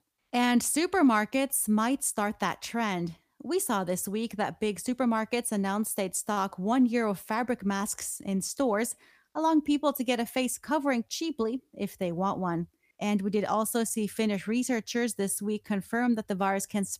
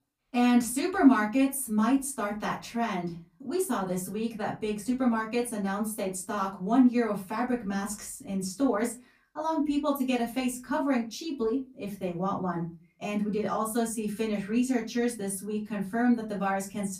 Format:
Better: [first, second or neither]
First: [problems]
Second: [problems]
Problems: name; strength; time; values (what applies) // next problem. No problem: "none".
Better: first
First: none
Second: off-mic speech; far // room echo; very slight; dies away in 0.2 s